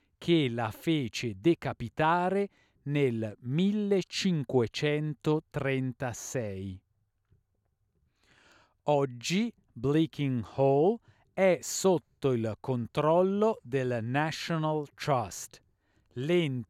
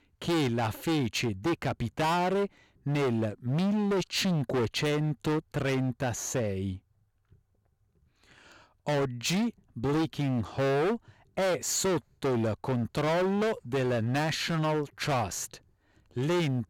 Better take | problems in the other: first | distortion; heavy; 21% of the sound clipped

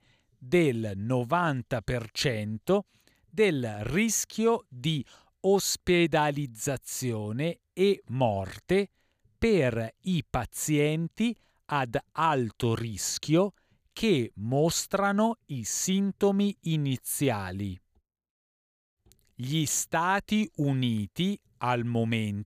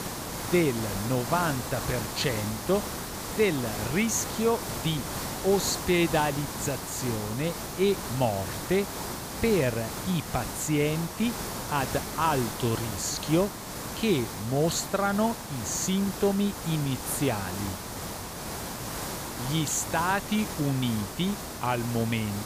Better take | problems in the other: first | hiss; loud; throughout; 6 dB below the speech

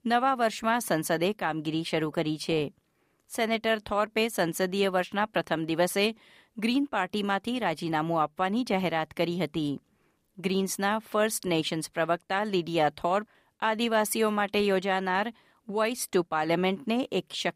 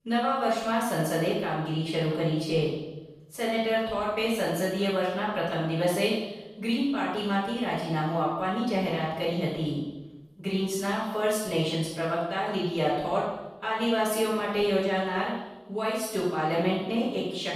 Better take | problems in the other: first | off-mic speech; far // room echo; strong; dies away in 1 s

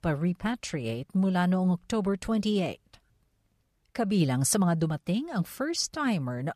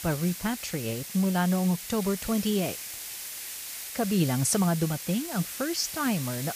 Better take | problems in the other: first | hiss; loud; throughout; 8 dB below the speech

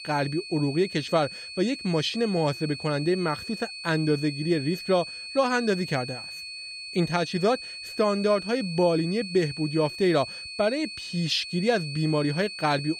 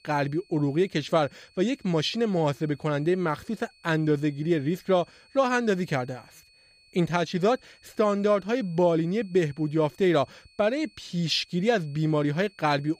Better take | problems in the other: second | high-pitched whine; loud; throughout; 4.5 kHz, 9 dB below the speech; faint in the second

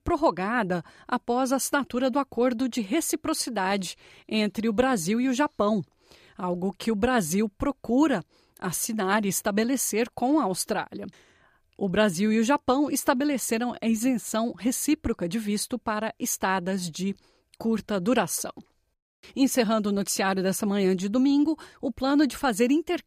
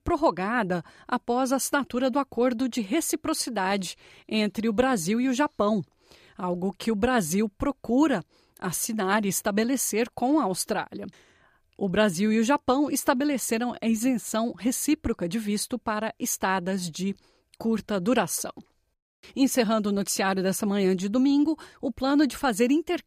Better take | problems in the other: neither | none

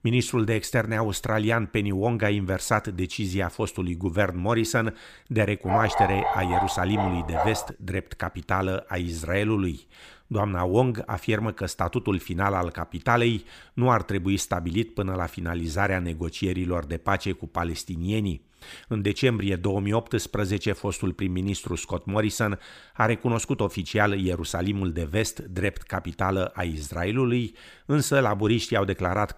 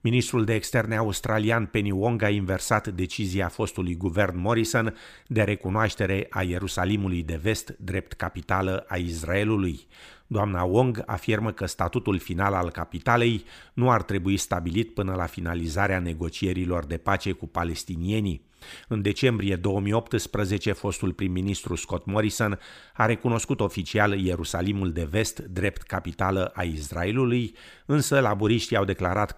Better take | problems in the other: second | dog barking; loud; from 5.5 to 7.5 s; peak 3 dB above the speech

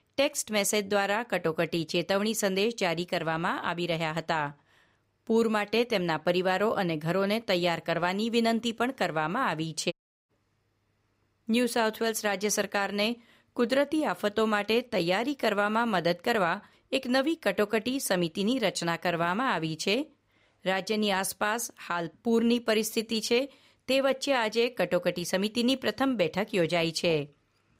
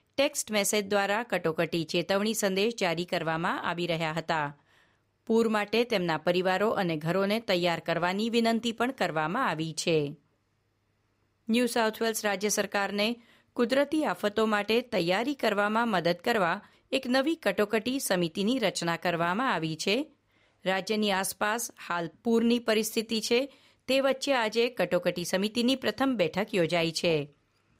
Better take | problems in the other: second | audio cutting out; at 10 s

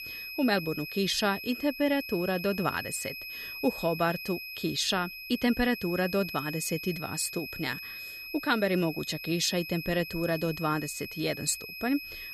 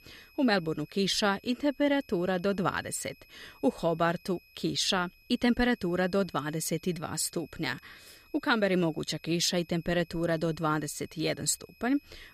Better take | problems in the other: second | high-pitched whine; loud; throughout; 2.5 kHz, 8 dB below the speech; faint in the second

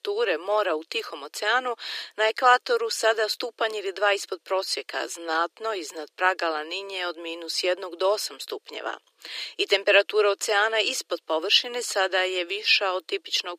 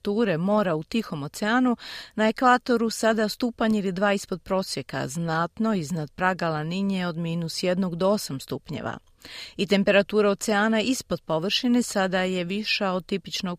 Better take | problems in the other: second | thin; very; fading below 300 Hz

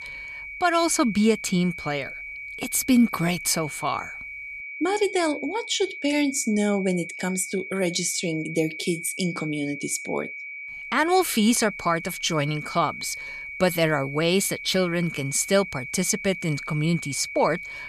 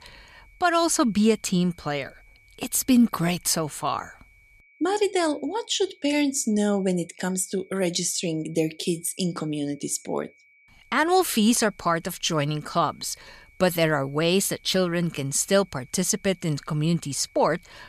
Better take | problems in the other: second | high-pitched whine; loud; throughout; 2.5 kHz, 10 dB below the speech; faint in the second

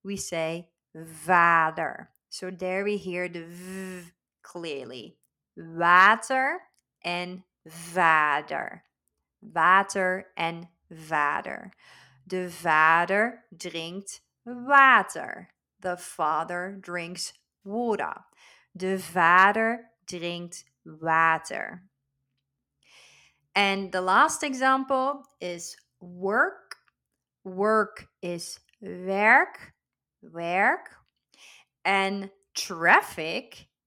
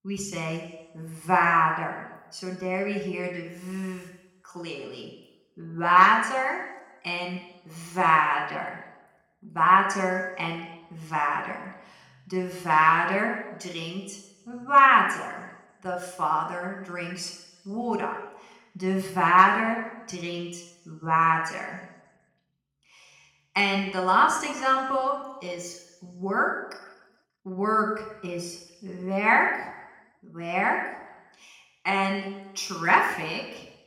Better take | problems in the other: first | room echo; noticeable; dies away in 1 s // off-mic speech; somewhat distant

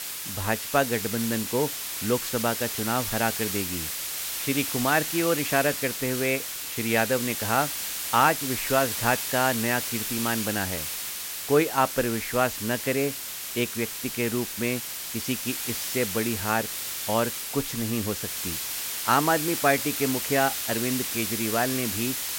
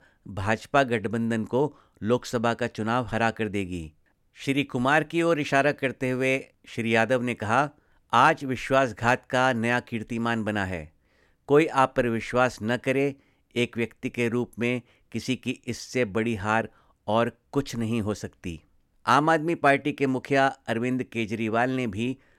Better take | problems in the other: second | hiss; loud; throughout; 2 dB below the speech

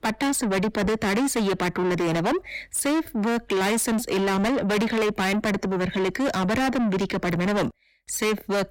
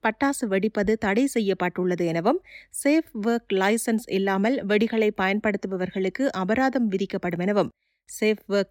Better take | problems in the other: second | distortion; heavy; 6 dB below the speech

